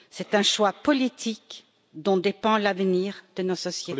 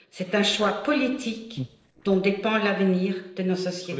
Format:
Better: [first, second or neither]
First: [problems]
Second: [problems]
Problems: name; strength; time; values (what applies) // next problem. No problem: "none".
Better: first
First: none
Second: noise reduction (neural separator model SepFormer DNS4)